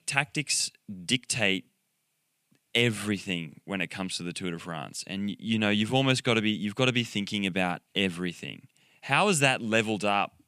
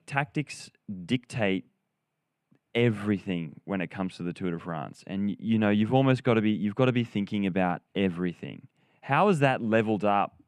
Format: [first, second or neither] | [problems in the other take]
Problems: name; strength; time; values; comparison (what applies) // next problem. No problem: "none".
first | muffled; very; fading above 2.5 kHz